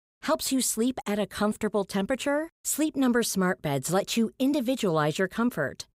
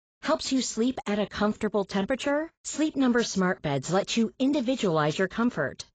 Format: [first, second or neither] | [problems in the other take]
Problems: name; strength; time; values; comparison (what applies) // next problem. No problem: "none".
first | garbled, watery; badly; nothing above 7.5 kHz